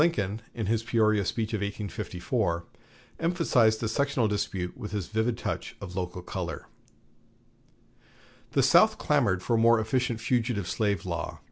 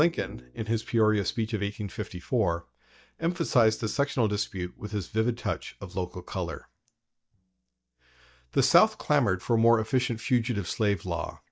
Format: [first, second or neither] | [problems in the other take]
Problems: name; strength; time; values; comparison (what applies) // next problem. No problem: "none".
first | noise reduction (neural mask model DeepFilterNet 3)